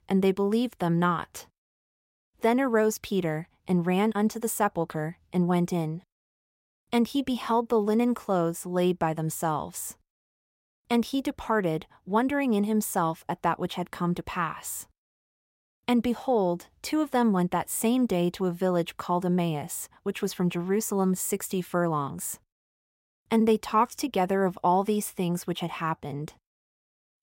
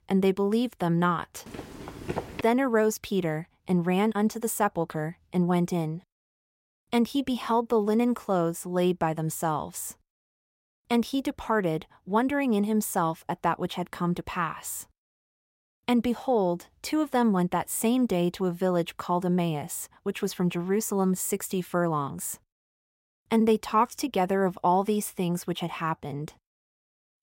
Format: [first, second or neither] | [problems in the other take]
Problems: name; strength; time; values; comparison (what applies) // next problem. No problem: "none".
first | footsteps; noticeable; at 1.5 s; peak 7 dB below the speech